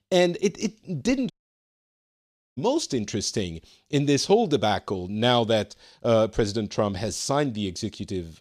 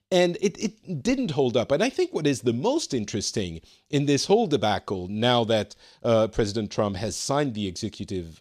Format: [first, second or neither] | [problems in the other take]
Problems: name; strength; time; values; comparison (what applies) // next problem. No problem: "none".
second | audio cutting out; at 1.5 s for 1.5 s